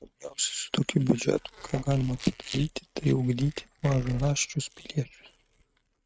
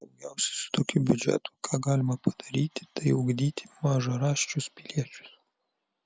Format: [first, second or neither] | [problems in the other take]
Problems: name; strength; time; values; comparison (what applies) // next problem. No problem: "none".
second | noise reduction (neural mask model RNNoise)